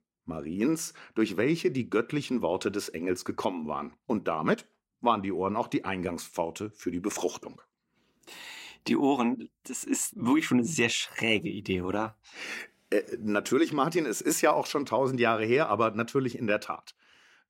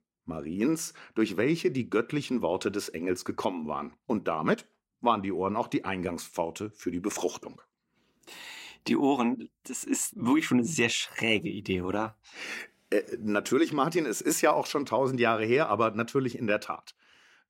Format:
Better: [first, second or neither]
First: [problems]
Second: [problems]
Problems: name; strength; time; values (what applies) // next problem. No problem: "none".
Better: neither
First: none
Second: none